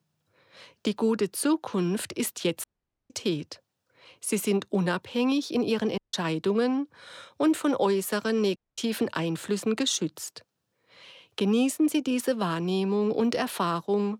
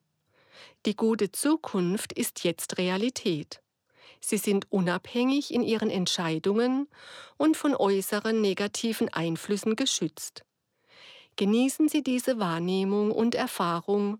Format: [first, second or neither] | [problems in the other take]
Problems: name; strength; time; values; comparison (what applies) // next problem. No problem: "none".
second | audio cutting out; at 2.5 s, at 6 s and at 8.5 s